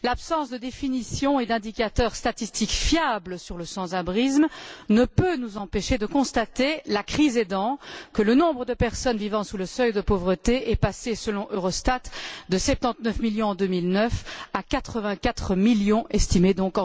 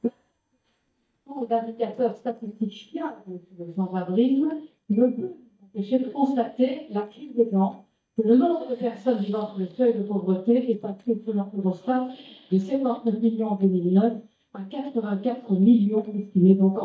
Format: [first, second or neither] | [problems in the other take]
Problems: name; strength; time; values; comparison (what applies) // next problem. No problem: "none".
first | noise reduction (neural mask model DeepFilterNet 3)